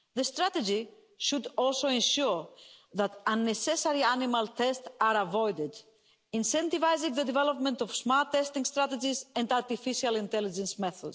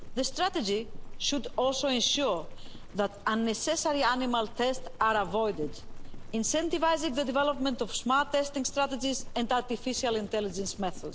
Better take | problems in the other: first | background sound (Livestock, farm animals, working animals); 10 dB below the speech

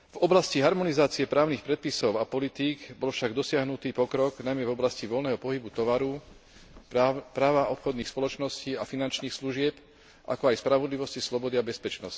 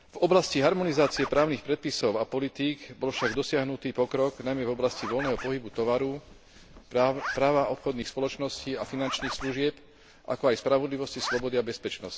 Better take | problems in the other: first | background sound (Zipper (clothing)); 14 dB below the speech

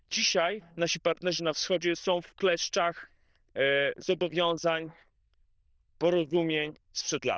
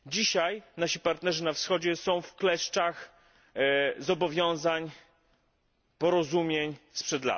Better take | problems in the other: second | noise reduction (neural diffusion model UNIVERSE++)

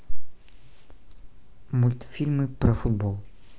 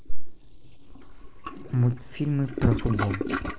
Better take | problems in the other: first | noise reduction (neural mask model Resemble Enhance denoiser)

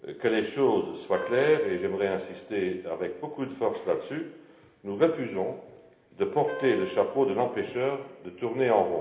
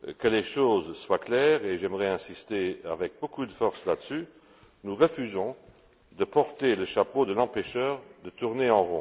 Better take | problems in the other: second | background sound (Wind instrument, woodwind instrument); 15 dB below the speech // room echo; dies away in 1 s

